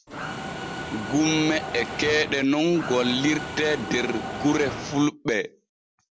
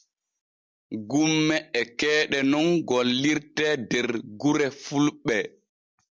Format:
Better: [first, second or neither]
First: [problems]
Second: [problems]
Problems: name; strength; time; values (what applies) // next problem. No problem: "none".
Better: second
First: background sound (Mechanisms); 8 dB below the speech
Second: none